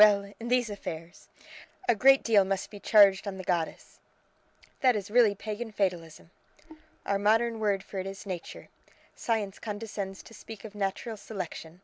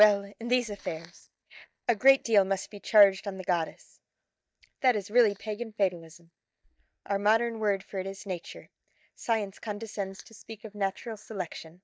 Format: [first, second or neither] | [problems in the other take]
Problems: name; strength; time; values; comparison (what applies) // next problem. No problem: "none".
first | noise reduction (neural mask model DeepFilterNet 3)